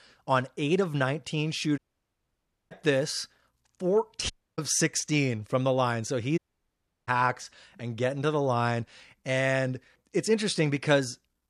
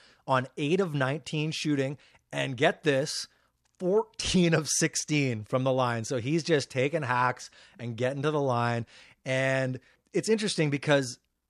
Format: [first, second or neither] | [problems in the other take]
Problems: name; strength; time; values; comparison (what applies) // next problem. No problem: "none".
second | audio cutting out; at 2 s for 1 s, at 4.5 s and at 6.5 s for 0.5 s